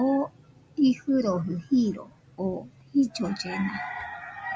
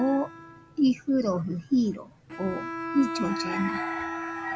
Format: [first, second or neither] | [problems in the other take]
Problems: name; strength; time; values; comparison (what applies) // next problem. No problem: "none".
first | background sound (Bowed string instrument); 8 dB below the speech